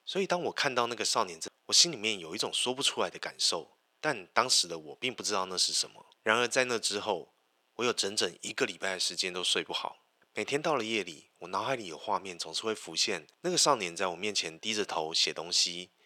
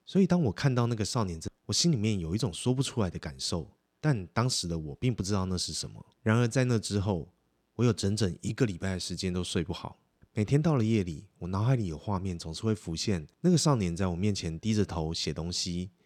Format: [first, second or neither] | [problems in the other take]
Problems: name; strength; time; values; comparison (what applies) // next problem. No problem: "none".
second | thin; very; fading below 650 Hz